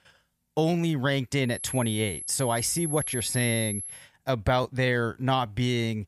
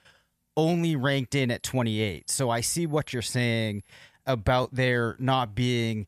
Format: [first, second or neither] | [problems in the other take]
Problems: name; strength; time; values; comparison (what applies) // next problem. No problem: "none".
second | high-pitched whine; loud; from 1.5 to 4 s; 11 kHz, 5 dB below the speech; faint in the second